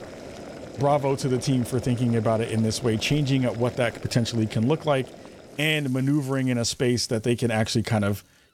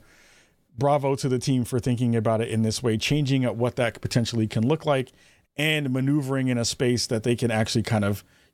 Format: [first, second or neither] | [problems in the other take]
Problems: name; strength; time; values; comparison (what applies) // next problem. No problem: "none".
second | household noises; noticeable; throughout; 15 dB below the speech